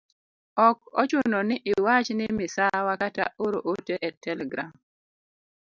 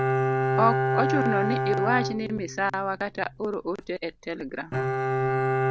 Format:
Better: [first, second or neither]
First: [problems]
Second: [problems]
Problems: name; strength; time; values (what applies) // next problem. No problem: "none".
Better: first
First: none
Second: background sound (Bowed string instrument); 2 dB above the speech